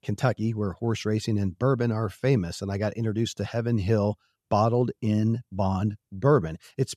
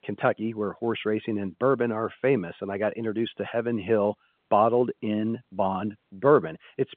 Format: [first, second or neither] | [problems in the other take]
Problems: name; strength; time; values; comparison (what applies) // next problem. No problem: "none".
first | phone-call audio; nothing above 3.5 kHz